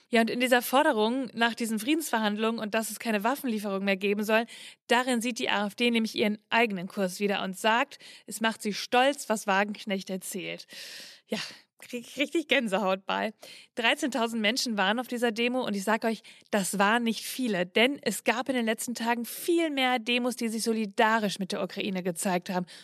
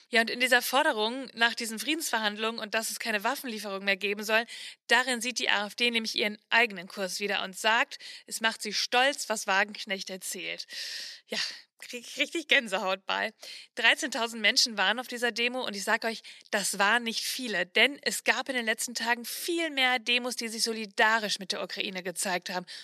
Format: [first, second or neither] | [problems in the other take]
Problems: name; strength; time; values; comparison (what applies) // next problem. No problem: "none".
first | thin; somewhat; fading below 900 Hz